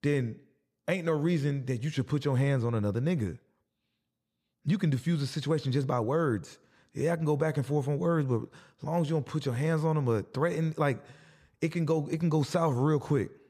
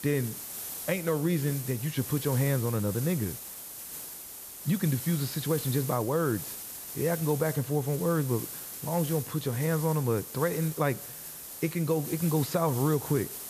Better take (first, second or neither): first